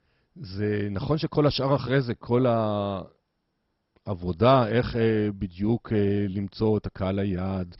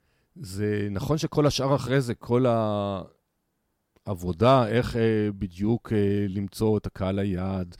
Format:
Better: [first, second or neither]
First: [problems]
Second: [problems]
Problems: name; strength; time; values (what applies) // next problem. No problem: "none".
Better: second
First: garbled, watery; badly; nothing above 5.5 kHz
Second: none